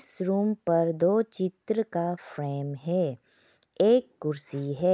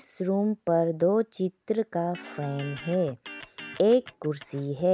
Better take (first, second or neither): first